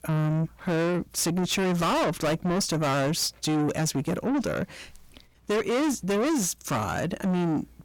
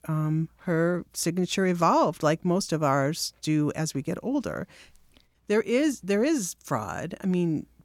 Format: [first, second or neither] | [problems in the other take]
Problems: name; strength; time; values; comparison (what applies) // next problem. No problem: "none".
second | distortion; heavy; 6 dB below the speech